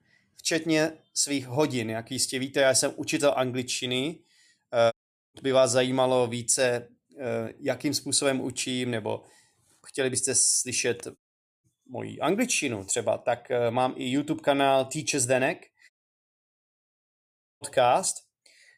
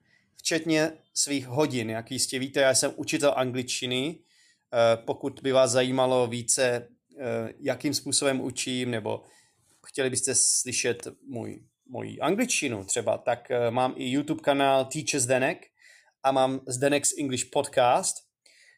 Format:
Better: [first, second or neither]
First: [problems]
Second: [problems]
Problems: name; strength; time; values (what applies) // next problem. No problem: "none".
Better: second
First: audio cutting out; at 5 s, at 11 s and at 16 s for 1.5 s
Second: none